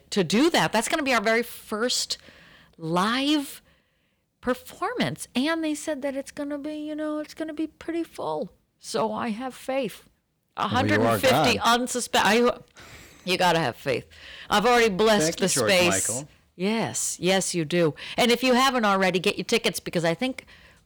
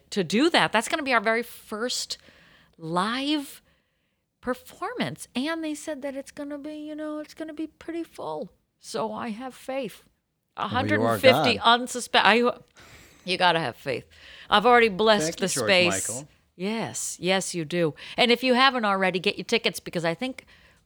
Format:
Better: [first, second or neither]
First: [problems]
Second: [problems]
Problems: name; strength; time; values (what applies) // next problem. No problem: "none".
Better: second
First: distortion; heavy; 6% of the sound clipped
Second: none